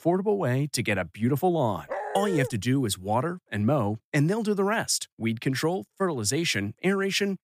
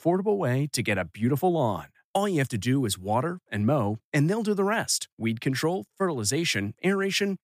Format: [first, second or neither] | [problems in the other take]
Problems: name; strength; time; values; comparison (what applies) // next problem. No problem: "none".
second | dog barking; noticeable; at 2 s; peak 5 dB below the speech